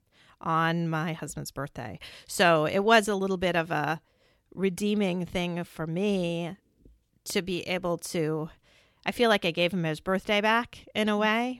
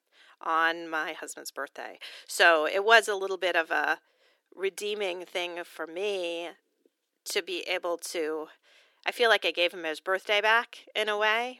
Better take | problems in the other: first | thin; very; fading below 350 Hz

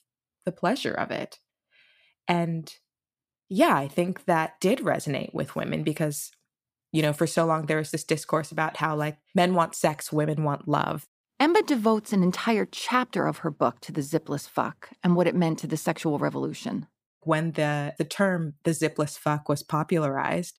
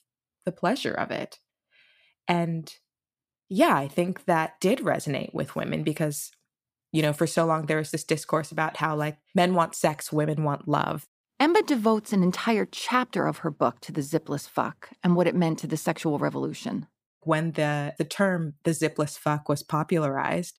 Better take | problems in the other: neither | none

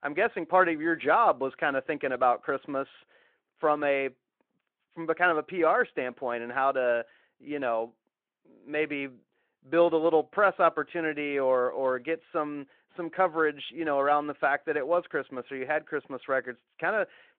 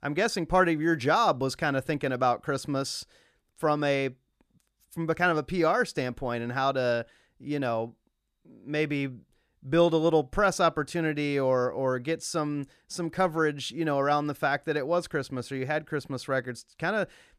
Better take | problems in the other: second | phone-call audio

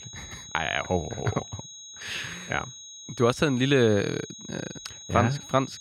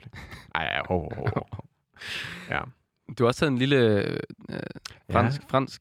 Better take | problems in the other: second | high-pitched whine; noticeable; throughout; 6.5 kHz, 15 dB below the speech

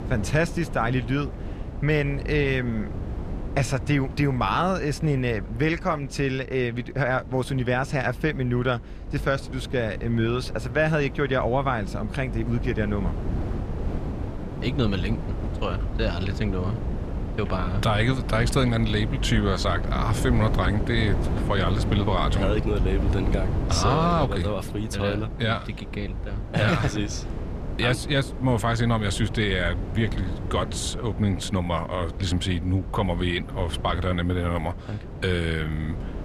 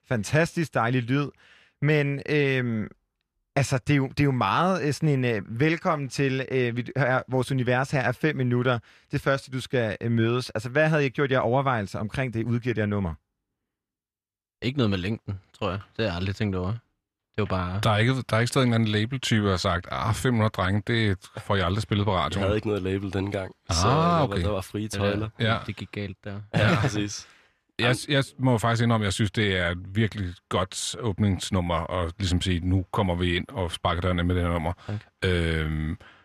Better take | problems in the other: second | wind noise on the microphone; occasional gusts; 10 dB below the speech

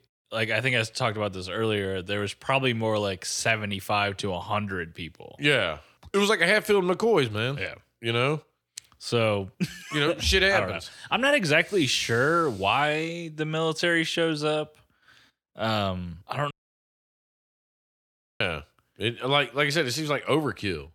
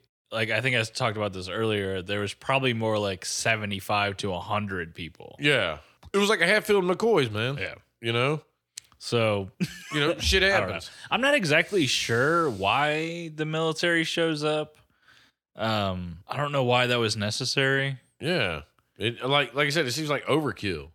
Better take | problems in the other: second | audio cutting out; at 17 s for 2 s

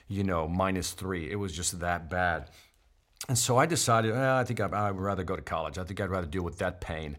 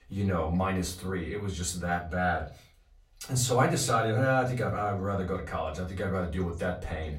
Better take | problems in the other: first | off-mic speech; far // room echo; very slight; dies away in 0.3 s

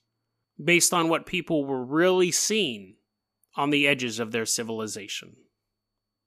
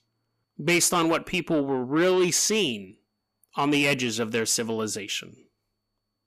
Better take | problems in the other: first | distortion; slight; 10 dB below the speech

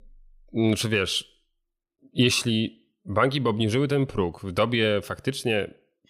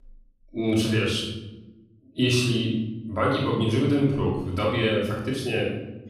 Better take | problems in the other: first | off-mic speech; far // room echo; noticeable; dies away in 1 s

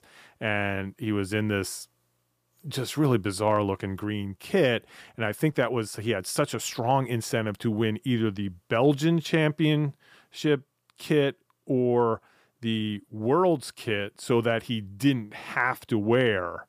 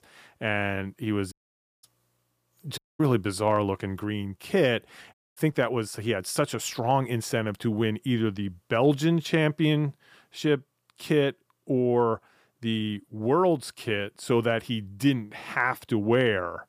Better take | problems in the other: first | audio cutting out; at 1.5 s for 0.5 s, at 3 s and at 5 s

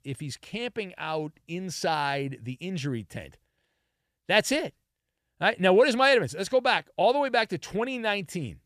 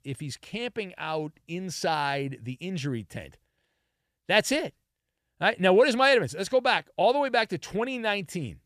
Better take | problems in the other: neither | none

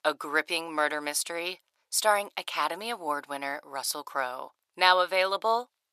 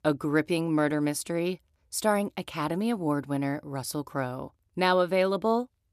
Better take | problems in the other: second | thin; very; fading below 900 Hz

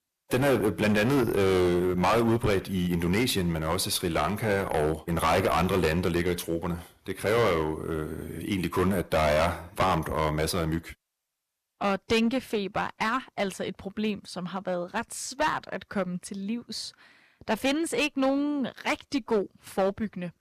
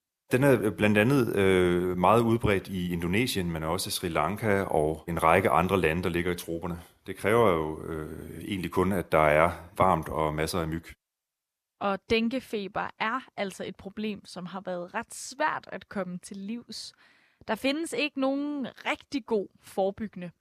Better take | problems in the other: second | distortion; heavy; 9% of the sound clipped

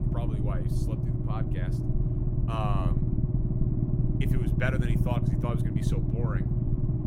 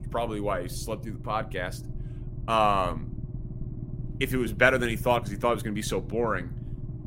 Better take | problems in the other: second | low rumble; loud; throughout; 1 dB below the speech; faint in the second

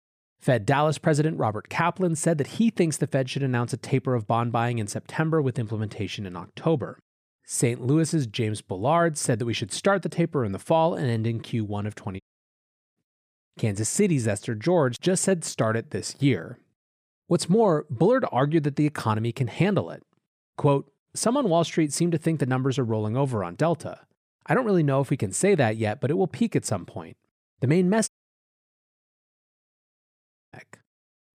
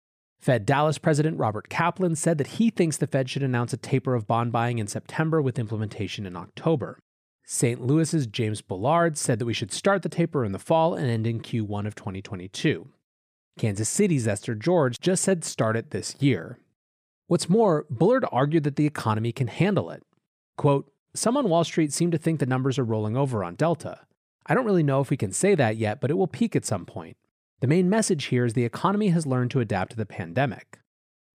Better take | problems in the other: second | audio cutting out; at 12 s for 1 s and at 28 s for 2.5 s

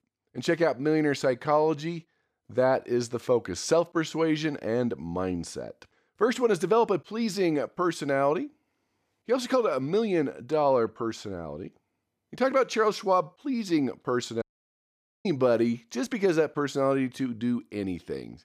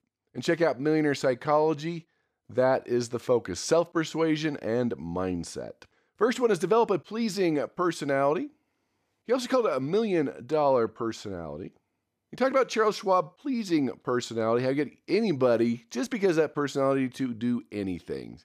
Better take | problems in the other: second | audio cutting out; at 14 s for 1 s

